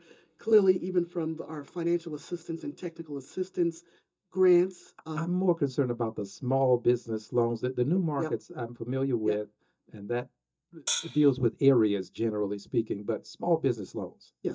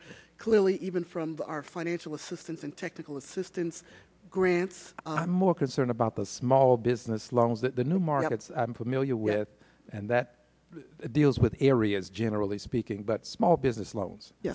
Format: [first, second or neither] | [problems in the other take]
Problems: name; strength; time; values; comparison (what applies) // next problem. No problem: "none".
second | noise reduction (neural mask model DeepFilterNet 3)